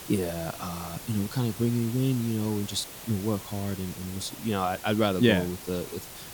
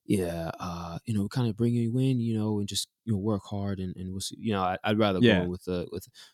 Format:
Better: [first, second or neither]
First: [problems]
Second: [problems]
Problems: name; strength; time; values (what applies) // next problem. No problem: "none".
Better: second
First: hiss; noticeable; throughout; 10 dB below the speech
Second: none